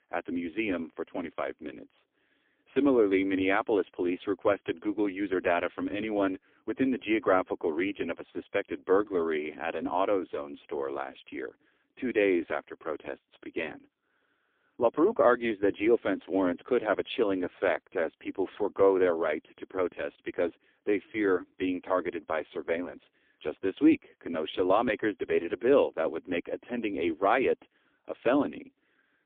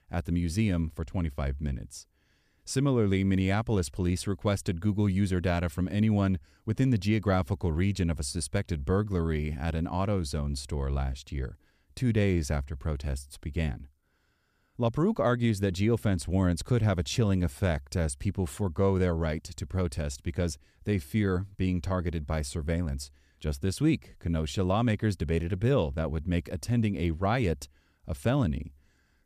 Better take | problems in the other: second | phone-call audio; poor line; nothing above 3.5 kHz

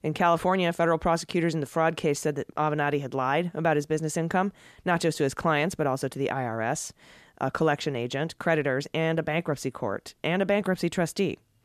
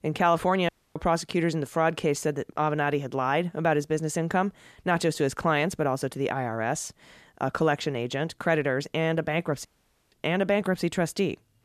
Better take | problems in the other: first | audio cutting out; at 0.5 s and at 9.5 s

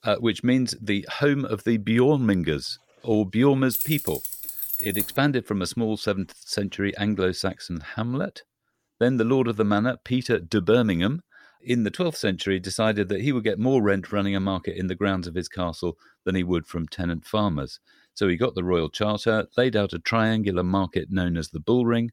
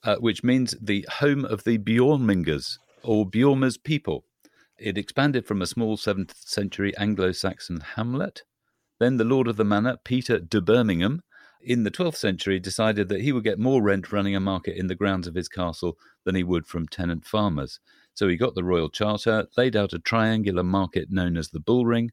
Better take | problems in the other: second | jangling keys; noticeable; from 3.5 to 5 s; peak 1 dB below the speech

